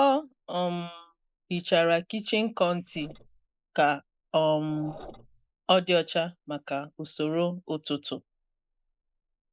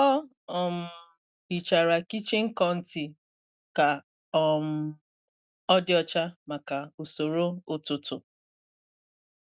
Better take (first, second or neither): second